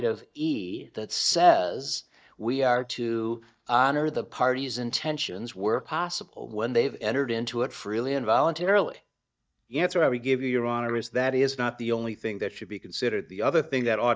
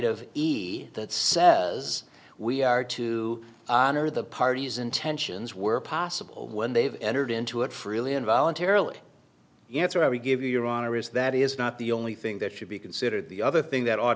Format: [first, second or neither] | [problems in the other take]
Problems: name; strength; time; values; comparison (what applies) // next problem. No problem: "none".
second | noise reduction (neural mask model DeepFilterNet 3)